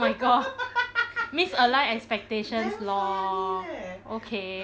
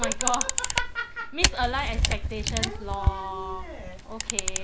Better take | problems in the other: first | background sound (Camera); 4 dB above the speech

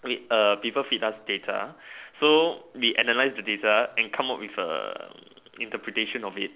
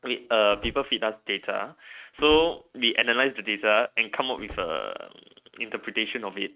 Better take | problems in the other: first | noise reduction (neural mask model RNNoise)

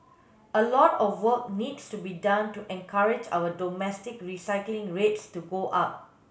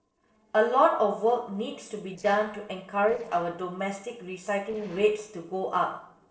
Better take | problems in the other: first | noise reduction (neural separator model SepFormer DNS4)

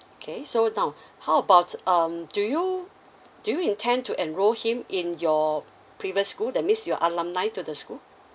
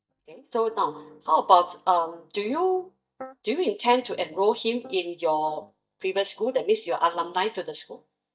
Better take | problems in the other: first | noise reduction (neural mask model DeepFilterNet 3)

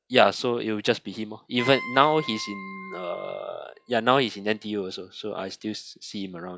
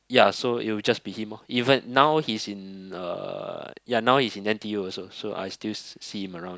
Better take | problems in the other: second | noise reduction (classical method log-MMSE)

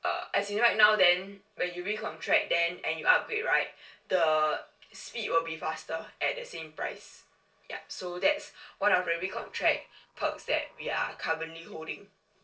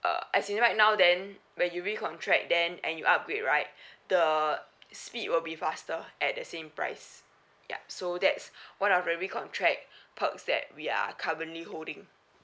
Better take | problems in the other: second | noise reduction (neural separator model SepFormer DNS4)

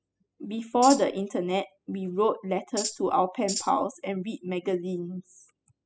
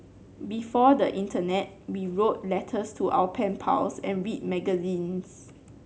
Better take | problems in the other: second | noise reduction (classical method spectral subtraction)

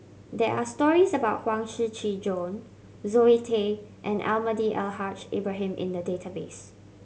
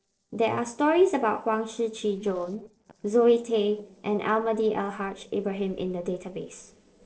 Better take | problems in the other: first | noise reduction (neural separator model SepFormer DNS4)

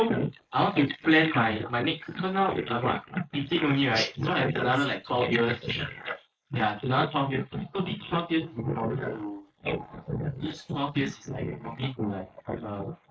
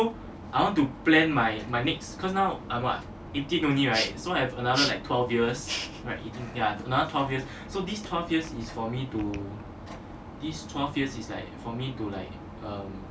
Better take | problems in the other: second | noise reduction (neural mask model Resemble Enhance denoiser)

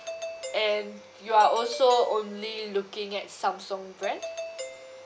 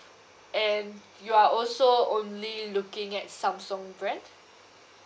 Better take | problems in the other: second | background sound (Doorbell); 13 dB below the speech

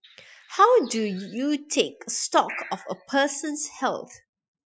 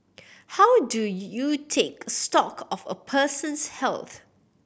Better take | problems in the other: second | noise reduction (classical method Wiener filter)

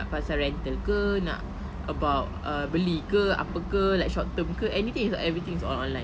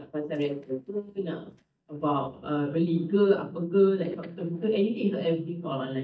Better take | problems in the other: first | noise reduction (neural mask model DeepFilterNet 3)

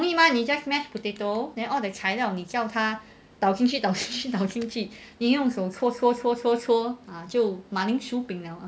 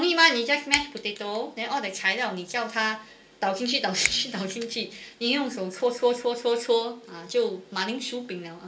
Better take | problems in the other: first | background sound (Finger snapping); 10 dB below the speech // room echo; dies away in 0.2 s

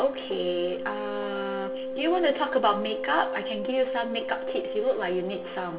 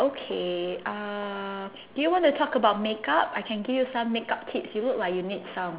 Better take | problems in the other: second | background sound (Wind instrument, woodwind instrument); 6 dB below the speech // room echo; dies away in 0.2 s

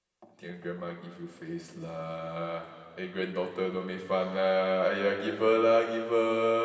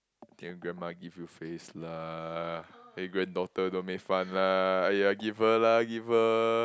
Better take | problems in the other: second | room echo; dies away in 2.4 s

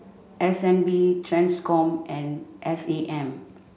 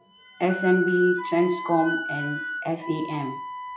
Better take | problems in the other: first | noise reduction (classical method log-MMSE)

